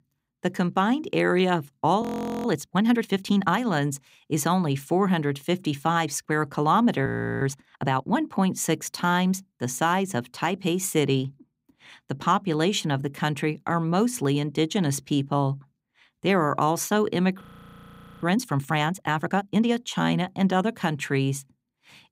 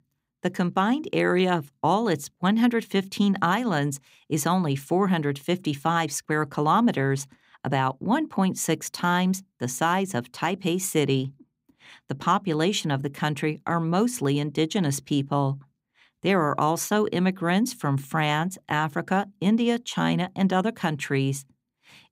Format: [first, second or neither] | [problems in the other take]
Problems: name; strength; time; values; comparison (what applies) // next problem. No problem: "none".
second | audio freezing; at 2 s, at 7 s and at 17 s for 1 s